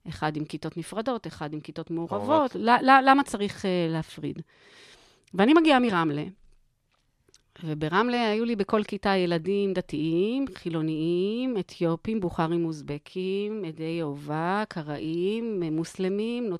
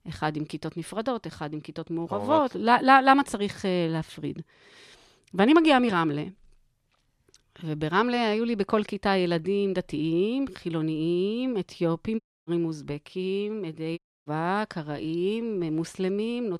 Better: first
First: none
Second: audio cutting out; at 12 s and at 14 s

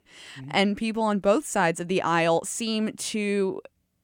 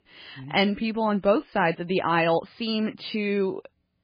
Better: first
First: none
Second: garbled, watery; badly; nothing above 4.5 kHz

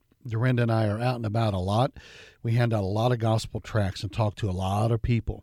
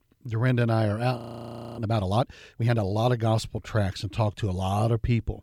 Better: first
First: none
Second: audio freezing; at 1 s for 0.5 s

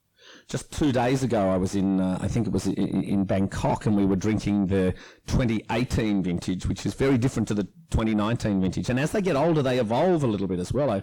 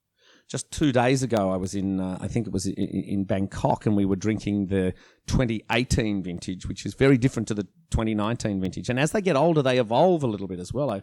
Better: second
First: distortion; heavy; 6 dB below the speech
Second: none

